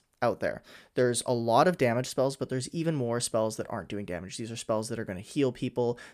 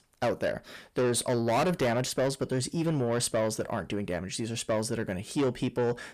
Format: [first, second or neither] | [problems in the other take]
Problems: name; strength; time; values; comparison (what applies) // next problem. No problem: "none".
first | distortion; heavy; 8 dB below the speech